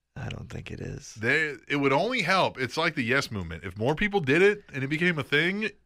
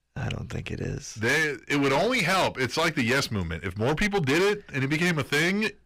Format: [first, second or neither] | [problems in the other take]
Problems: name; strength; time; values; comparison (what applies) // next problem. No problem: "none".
first | distortion; heavy; 15% of the sound clipped